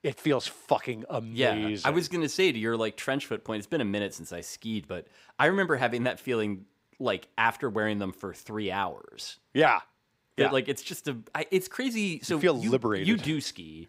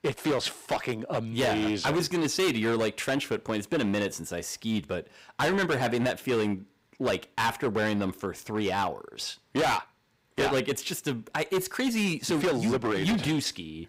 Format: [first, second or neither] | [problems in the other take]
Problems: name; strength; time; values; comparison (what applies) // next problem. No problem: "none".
first | distortion; heavy; 13% of the sound clipped